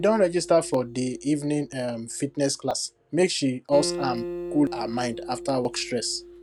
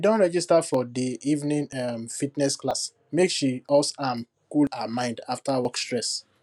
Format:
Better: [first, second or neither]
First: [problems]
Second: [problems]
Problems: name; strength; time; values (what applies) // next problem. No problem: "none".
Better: second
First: background sound (Acoustic guitar); 12 dB below the speech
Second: none